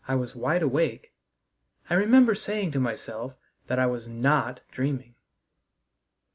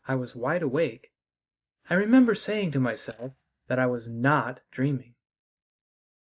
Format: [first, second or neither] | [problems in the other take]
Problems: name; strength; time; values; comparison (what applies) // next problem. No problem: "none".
first | noise reduction (neural mask model DeepFilterNet 3)